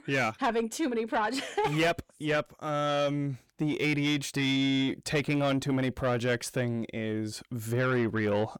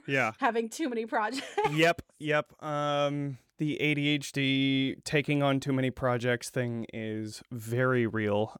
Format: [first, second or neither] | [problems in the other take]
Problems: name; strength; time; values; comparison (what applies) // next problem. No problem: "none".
second | distortion; slight; 10 dB below the speech